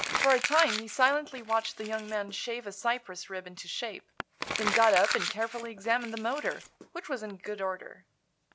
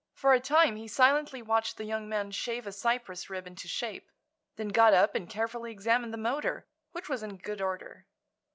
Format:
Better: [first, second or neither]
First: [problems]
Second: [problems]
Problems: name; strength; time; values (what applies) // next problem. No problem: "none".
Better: second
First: background sound (Crumpling, crinkling); 6 dB below the speech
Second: none